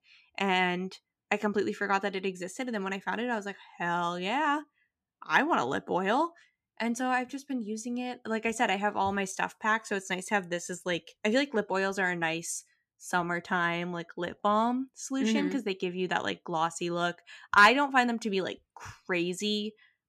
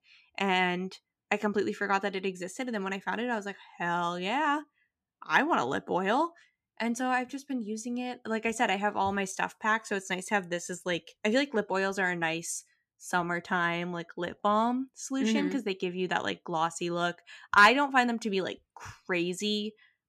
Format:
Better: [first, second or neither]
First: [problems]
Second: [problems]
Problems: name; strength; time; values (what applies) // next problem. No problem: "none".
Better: neither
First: none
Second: none